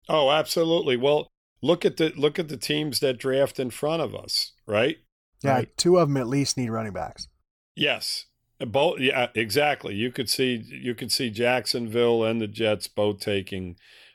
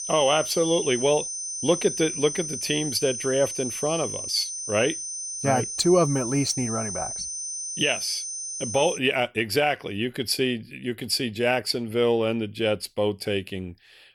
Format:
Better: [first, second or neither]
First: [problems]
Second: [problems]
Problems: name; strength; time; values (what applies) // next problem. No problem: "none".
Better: first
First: none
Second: high-pitched whine; loud; until 9 s; 6 kHz, 5 dB below the speech